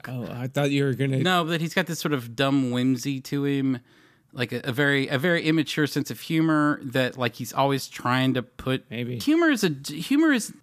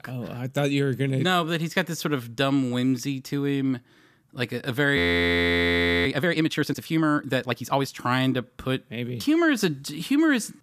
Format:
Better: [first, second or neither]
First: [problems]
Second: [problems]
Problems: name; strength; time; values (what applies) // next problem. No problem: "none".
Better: first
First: none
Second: audio freezing; at 5 s for 1 s